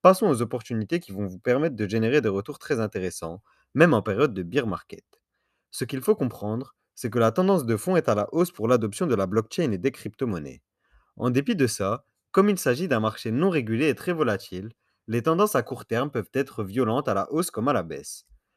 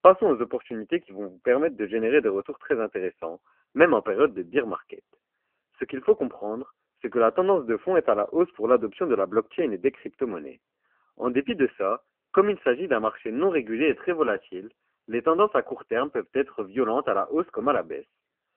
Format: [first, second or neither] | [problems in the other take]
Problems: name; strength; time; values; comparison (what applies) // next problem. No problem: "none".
first | phone-call audio; poor line; nothing above 3 kHz